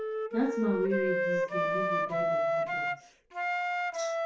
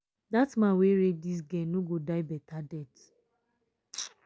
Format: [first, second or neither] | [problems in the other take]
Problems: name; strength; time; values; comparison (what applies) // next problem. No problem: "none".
second | background sound (Wind instrument, woodwind instrument); 4 dB above the speech // room echo; dies away in 0.3 s